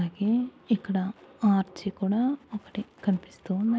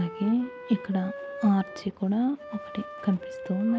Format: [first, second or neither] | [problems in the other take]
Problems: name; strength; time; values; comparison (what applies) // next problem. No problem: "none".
first | background sound (Wind instrument, woodwind instrument); 13 dB below the speech